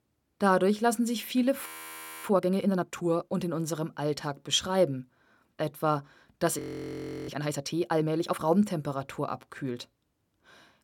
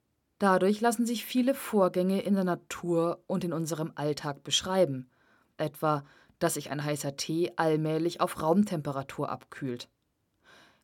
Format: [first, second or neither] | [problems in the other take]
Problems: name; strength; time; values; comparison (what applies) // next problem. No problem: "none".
second | audio freezing; at 1.5 s for 0.5 s and at 6.5 s for 0.5 s